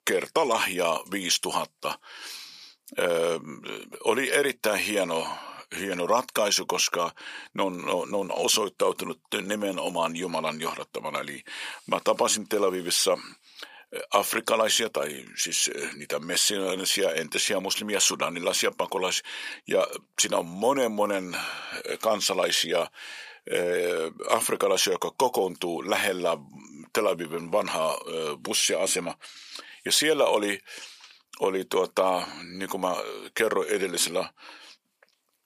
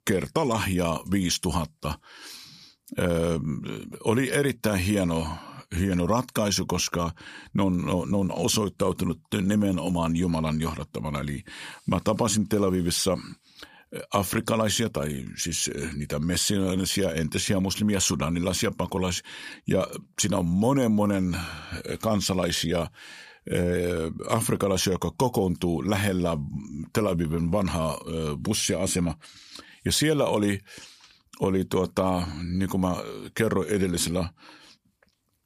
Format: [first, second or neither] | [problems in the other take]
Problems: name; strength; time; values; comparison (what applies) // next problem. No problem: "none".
second | thin; somewhat; fading below 500 Hz